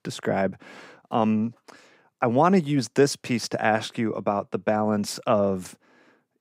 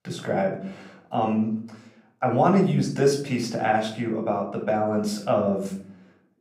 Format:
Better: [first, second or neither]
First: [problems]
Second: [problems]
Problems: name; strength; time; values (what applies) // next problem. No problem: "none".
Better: first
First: none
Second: off-mic speech; somewhat distant // room echo; slight; dies away in 0.5 s